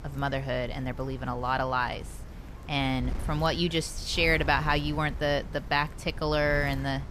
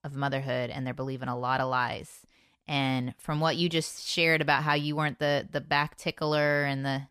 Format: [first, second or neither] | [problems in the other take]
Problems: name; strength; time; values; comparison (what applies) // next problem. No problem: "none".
second | wind noise on the microphone; occasional gusts; 20 dB below the speech